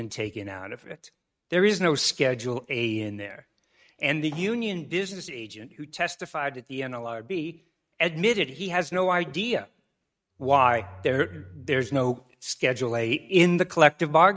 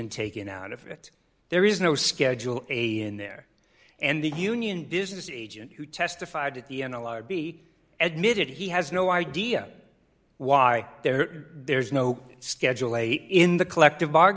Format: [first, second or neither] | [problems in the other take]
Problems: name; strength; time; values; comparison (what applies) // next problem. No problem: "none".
second | noise reduction (neural mask model RNNoise)